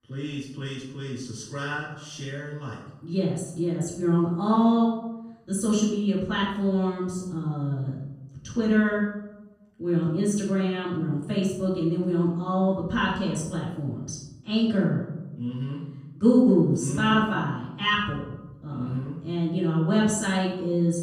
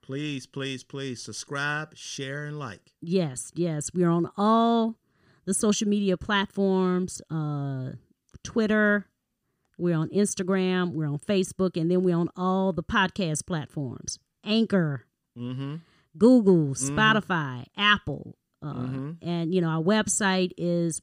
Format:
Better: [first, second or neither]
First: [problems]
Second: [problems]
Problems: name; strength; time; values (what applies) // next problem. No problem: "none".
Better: second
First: off-mic speech; far // room echo; noticeable; dies away in 0.9 s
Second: none